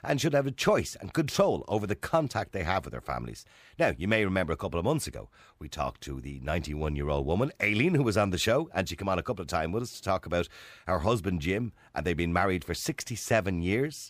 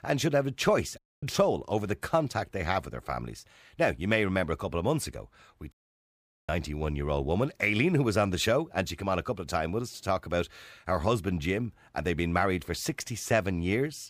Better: first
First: none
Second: audio cutting out; at 1 s and at 5.5 s for 1 s

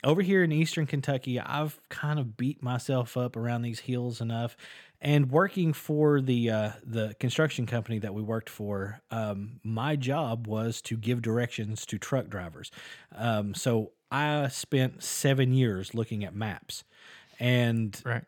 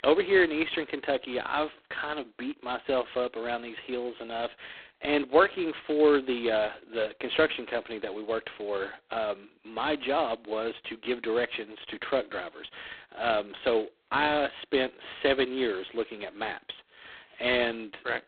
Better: first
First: none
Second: phone-call audio; poor line; nothing above 4 kHz

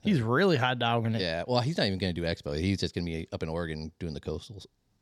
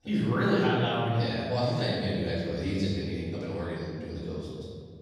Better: first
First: none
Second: off-mic speech; far // room echo; strong; dies away in 1.8 s

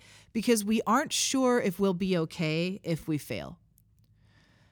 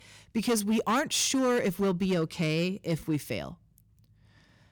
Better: first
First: none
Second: distortion; slight; 8% of the sound clipped

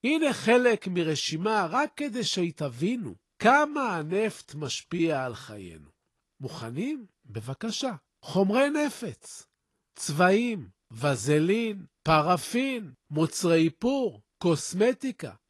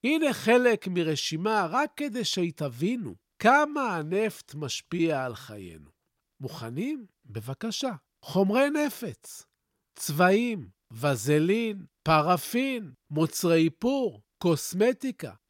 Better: second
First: garbled, watery; slightly; nothing above 11.5 kHz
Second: none

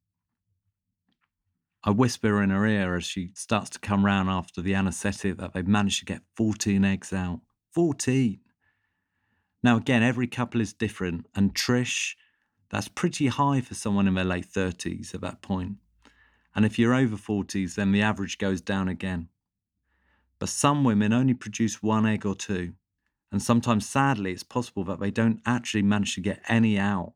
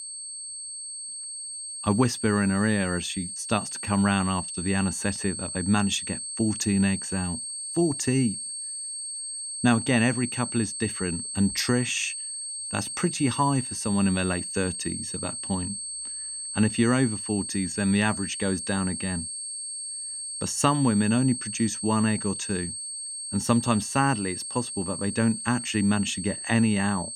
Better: first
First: none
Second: high-pitched whine; loud; throughout; 8.5 kHz, 5 dB below the speech

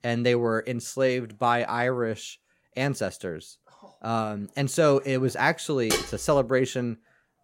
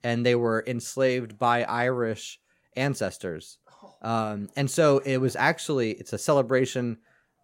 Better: second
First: clattering dishes; noticeable; at 6 s; peak 2 dB below the speech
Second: none

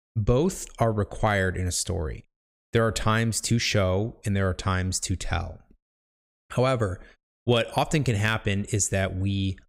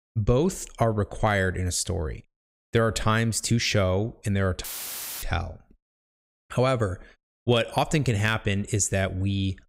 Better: first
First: none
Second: audio cutting out; filled with static; at 4.5 s for 0.5 s

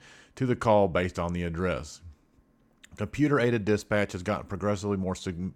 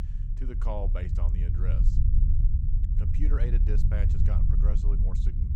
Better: first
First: none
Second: low rumble; loud; throughout; 2 dB below the speech

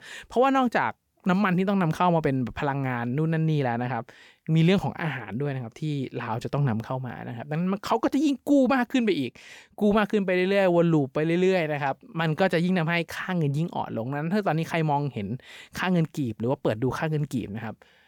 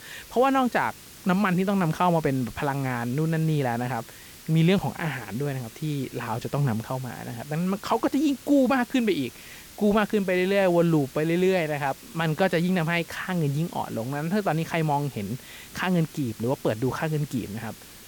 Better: first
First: none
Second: hiss; noticeable; throughout; 20 dB below the speech

